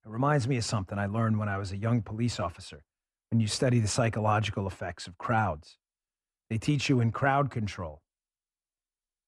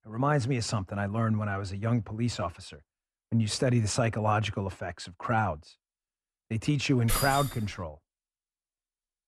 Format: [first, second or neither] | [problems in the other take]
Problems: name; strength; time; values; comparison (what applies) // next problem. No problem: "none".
first | jangling keys; noticeable; at 7 s; peak 1 dB below the speech